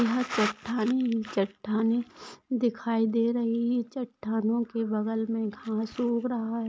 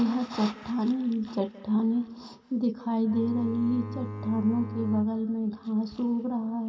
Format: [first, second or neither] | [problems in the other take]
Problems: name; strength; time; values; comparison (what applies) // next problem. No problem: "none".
first | background sound (Bowed string instrument); 10 dB below the speech // room echo; dies away in 2 s